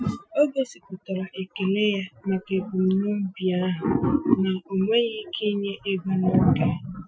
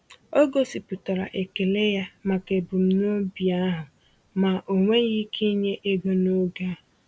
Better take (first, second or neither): second